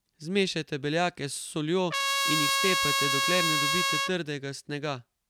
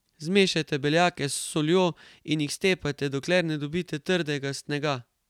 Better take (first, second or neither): second